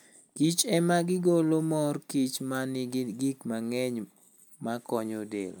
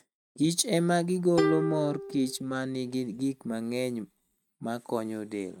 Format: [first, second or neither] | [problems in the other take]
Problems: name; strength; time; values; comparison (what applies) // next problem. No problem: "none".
first | noise reduction (neural mask model RNNoise)